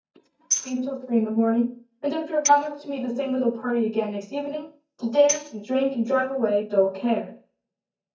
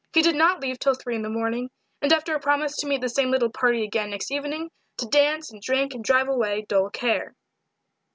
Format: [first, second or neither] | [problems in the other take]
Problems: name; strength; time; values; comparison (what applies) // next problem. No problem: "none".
second | noise reduction (neural mask model DeepFilterNet 3)